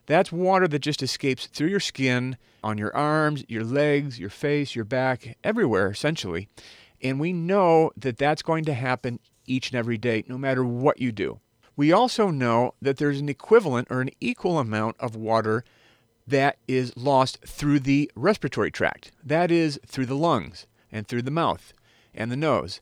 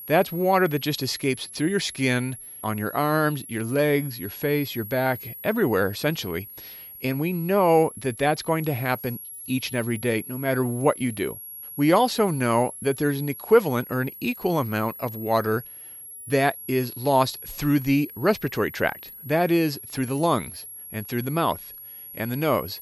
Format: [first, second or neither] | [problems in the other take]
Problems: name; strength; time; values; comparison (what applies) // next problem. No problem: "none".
first | high-pitched whine; noticeable; throughout; 11.5 kHz, 15 dB below the speech